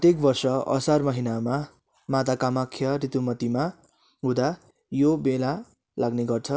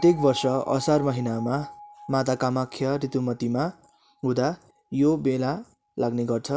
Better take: first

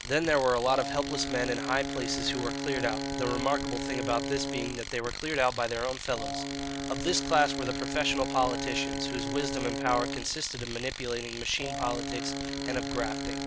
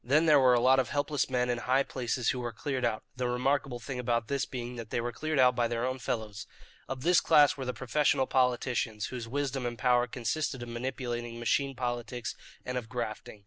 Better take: second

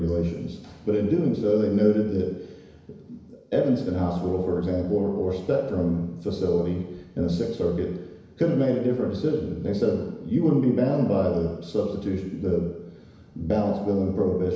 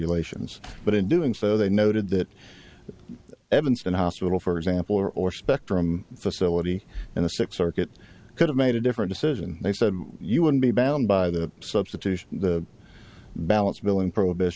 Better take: second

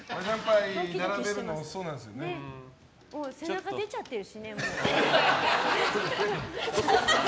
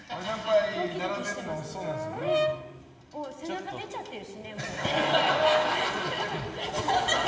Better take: first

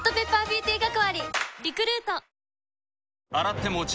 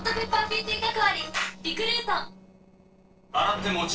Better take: first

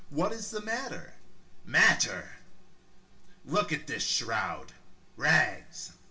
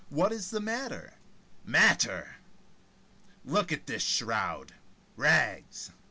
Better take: second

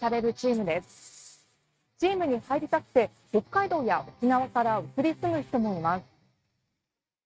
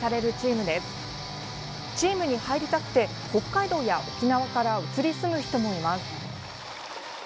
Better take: second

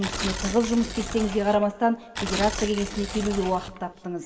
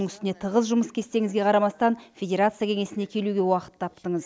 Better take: second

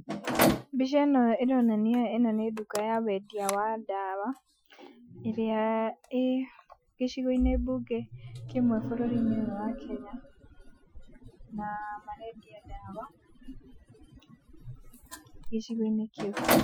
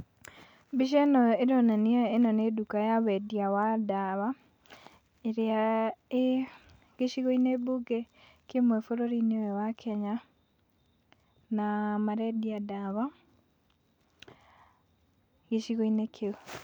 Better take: second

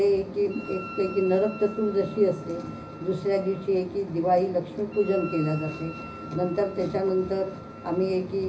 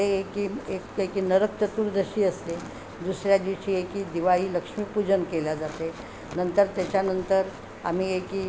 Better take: second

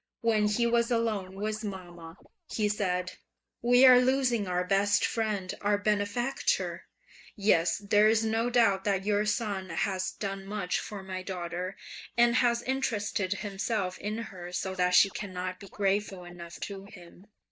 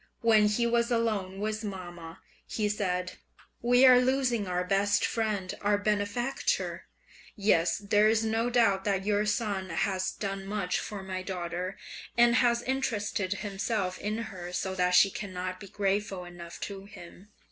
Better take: second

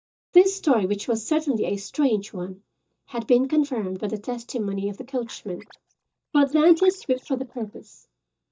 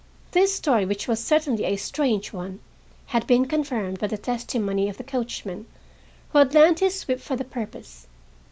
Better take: second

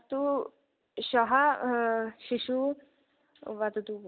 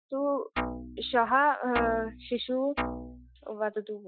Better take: first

